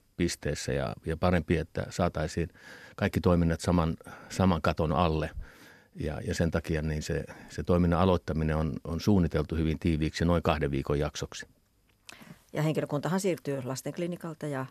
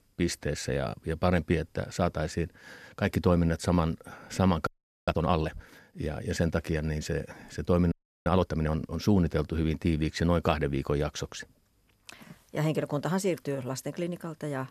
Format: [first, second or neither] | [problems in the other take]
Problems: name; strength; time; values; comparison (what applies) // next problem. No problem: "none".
first | audio freezing; at 4.5 s and at 8 s